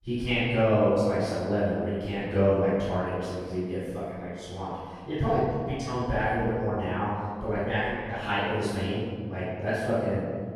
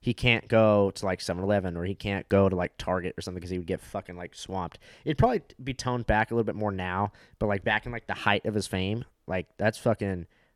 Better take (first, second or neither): second